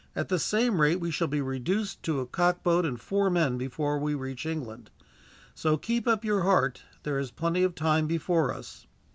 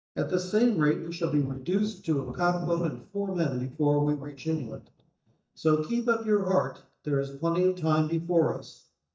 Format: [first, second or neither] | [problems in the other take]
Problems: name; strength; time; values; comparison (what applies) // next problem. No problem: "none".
first | noise reduction (neural mask model DeepFilterNet 3)